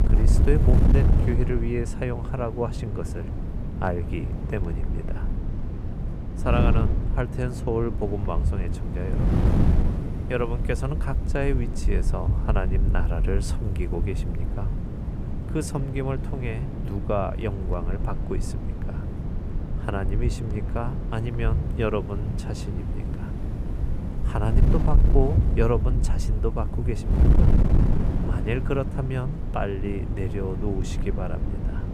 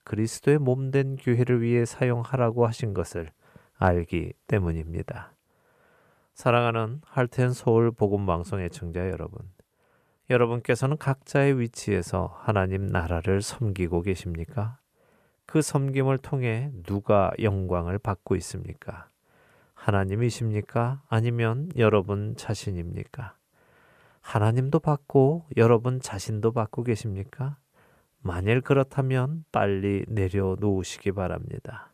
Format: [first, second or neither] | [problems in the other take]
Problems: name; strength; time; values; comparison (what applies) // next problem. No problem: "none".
second | wind noise on the microphone; heavy; 6 dB below the speech